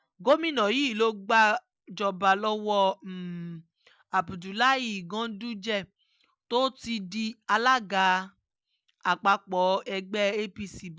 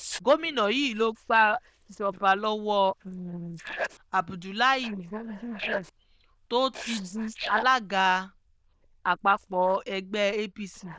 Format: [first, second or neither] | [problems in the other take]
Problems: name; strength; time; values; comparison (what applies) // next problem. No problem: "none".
first | noise reduction (neural diffusion model UNIVERSE++)